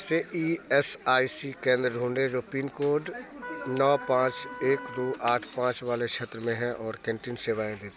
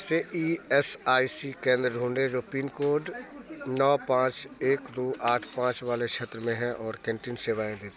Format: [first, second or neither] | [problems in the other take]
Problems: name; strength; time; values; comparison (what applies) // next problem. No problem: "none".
second | background sound (Trumpet); 13 dB below the speech